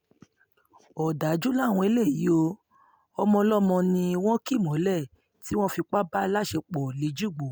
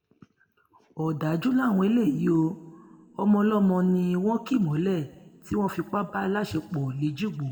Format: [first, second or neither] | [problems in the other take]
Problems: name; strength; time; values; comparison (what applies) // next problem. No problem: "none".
first | room echo; dies away in 1.3 s